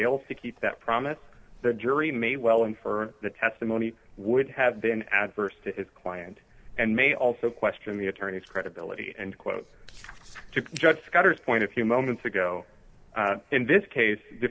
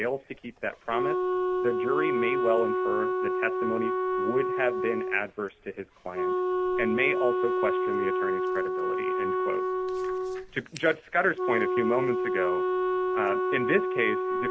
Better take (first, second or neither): first